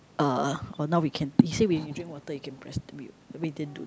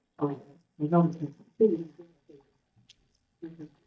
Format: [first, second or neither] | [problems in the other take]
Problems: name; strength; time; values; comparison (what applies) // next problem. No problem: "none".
first | noise reduction (neural mask model DeepFilterNet 3)